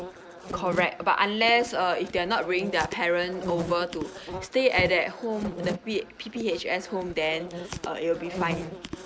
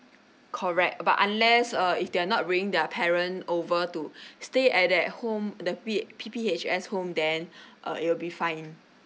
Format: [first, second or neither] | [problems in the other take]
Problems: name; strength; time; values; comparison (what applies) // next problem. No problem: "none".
second | background sound (Insect); 10 dB below the speech